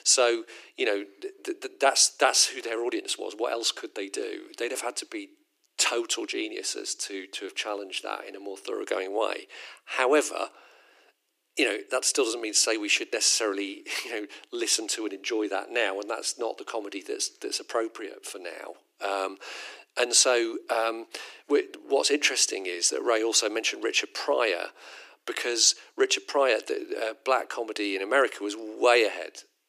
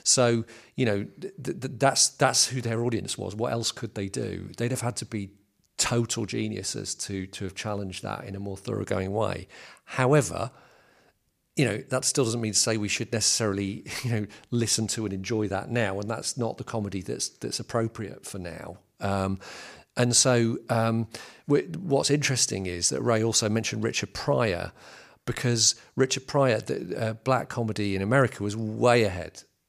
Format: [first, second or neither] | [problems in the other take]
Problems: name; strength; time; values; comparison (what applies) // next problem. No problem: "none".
second | thin; somewhat; fading below 300 Hz